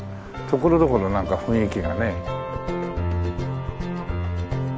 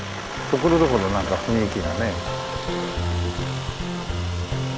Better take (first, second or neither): first